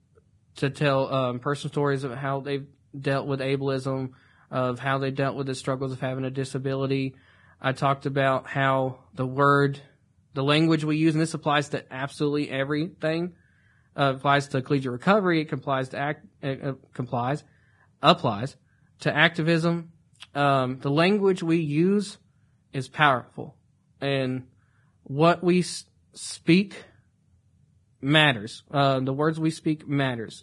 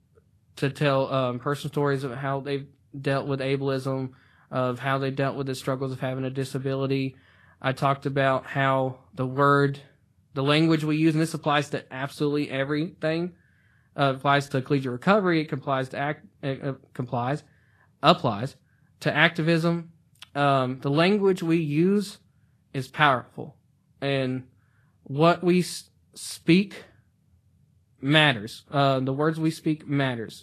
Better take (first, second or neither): second